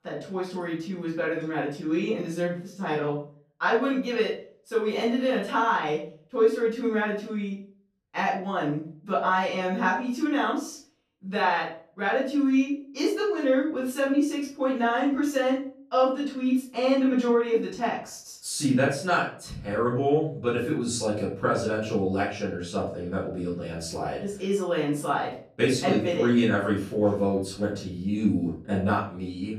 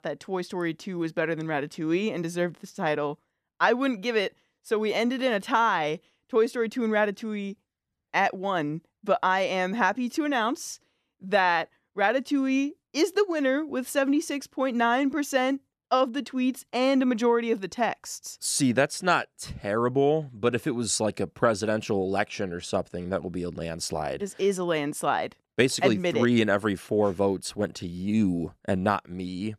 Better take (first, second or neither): second